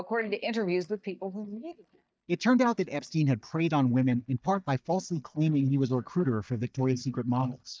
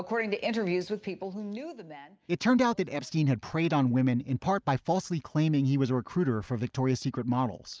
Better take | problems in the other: second | noise reduction (neural mask model DeepFilterNet 3)

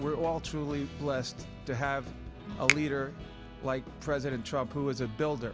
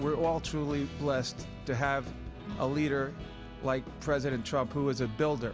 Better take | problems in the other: second | background sound (Finger snapping); 3 dB below the speech

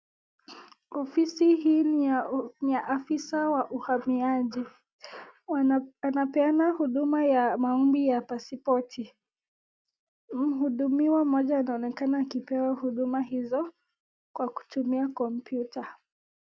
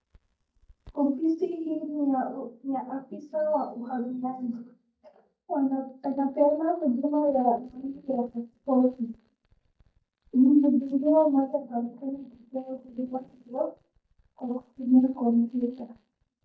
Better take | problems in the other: first | noise reduction (neural mask model DeepFilterNet 3)

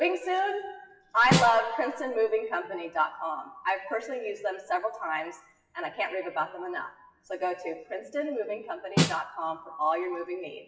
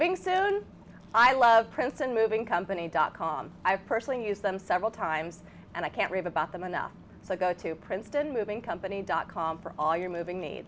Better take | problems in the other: second | noise reduction (classical method WPE with log-MMSE)

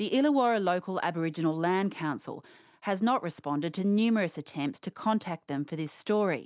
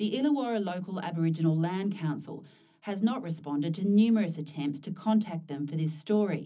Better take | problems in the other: first | room echo; dies away in 0.4 s

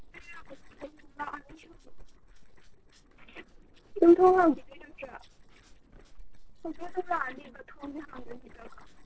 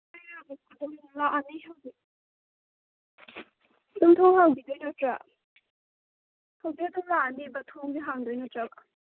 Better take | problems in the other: second | noise reduction (neural separator model SepFormer DNS4)

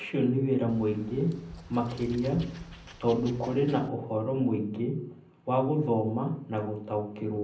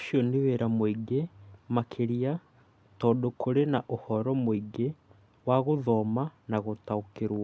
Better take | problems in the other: second | background sound (Wild animals); 18 dB below the speech // room echo; dies away in 0.6 s

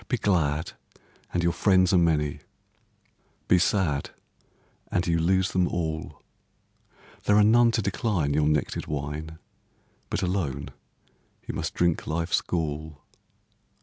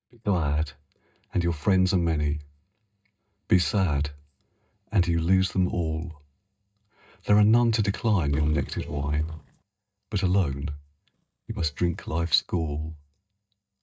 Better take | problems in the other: first | noise reduction (neural mask model DeepFilterNet 3)

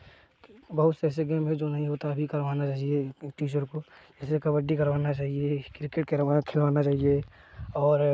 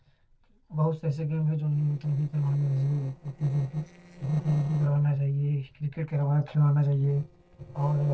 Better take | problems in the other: first | noise reduction (neural separator model SepFormer DNS4)

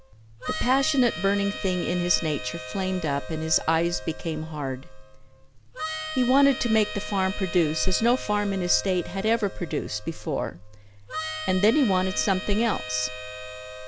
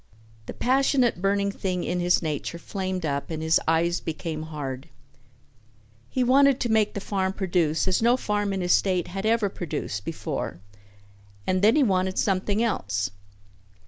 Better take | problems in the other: second | background sound (Harmonica); 11 dB below the speech

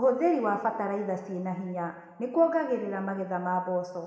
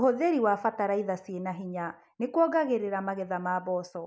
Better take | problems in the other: second | room echo; dies away in 1.5 s

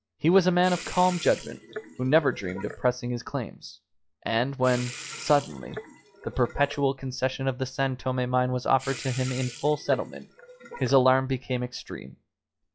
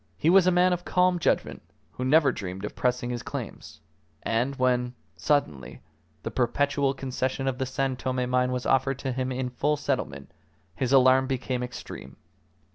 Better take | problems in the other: second | noise reduction (classical method log-MMSE)

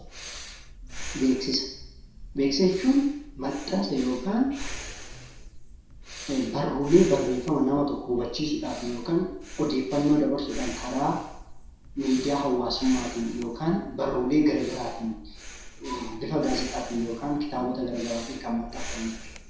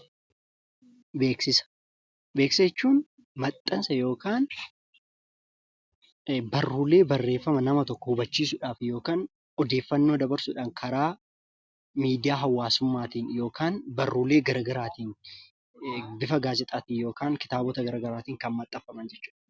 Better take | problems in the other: second | background sound (Breathing); 12 dB below the speech // room echo; dies away in 0.7 s

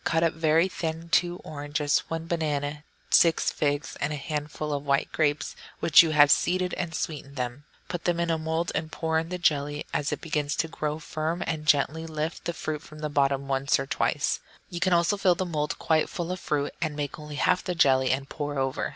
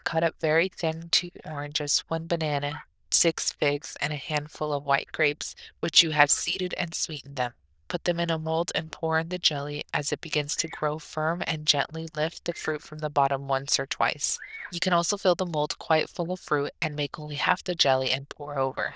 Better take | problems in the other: first | noise reduction (neural diffusion model UNIVERSE++)

